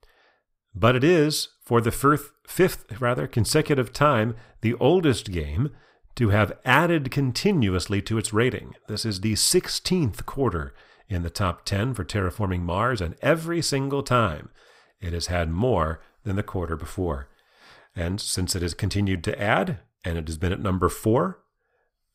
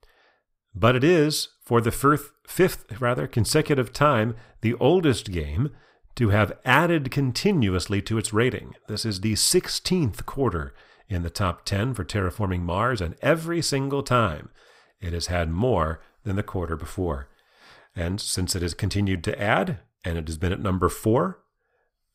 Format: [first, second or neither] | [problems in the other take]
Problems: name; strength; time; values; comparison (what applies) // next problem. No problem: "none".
neither | none